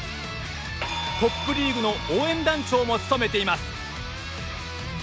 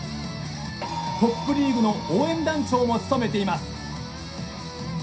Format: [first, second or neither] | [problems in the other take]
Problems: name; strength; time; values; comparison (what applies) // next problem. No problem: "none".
first | room echo; dies away in 0.3 s